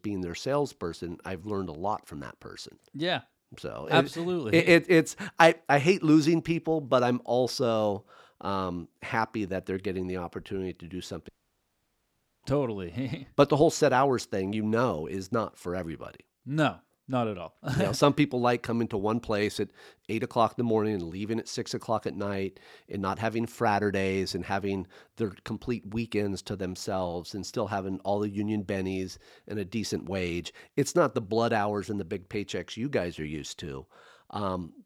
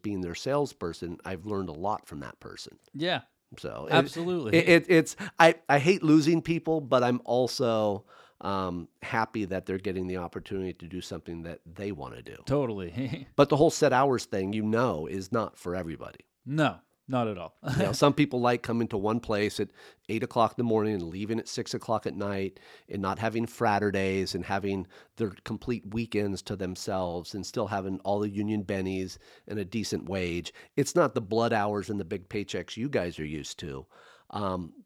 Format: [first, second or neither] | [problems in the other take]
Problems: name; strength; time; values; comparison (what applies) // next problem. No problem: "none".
second | audio cutting out; at 11 s for 1 s